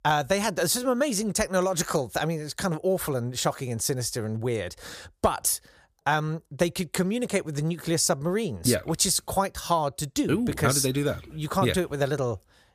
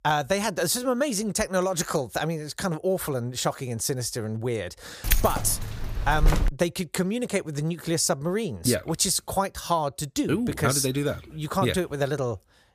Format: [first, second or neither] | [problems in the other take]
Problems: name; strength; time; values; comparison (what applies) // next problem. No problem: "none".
first | jangling keys; loud; from 5 to 6.5 s; peak 1 dB above the speech